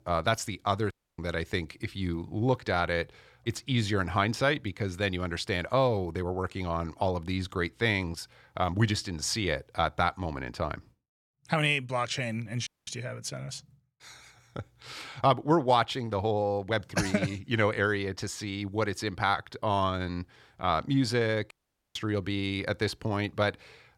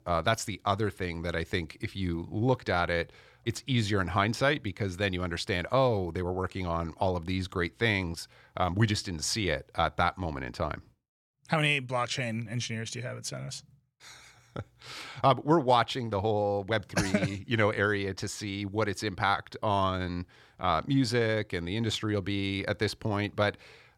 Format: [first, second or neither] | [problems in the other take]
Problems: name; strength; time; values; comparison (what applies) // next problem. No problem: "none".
second | audio cutting out; at 1 s, at 13 s and at 22 s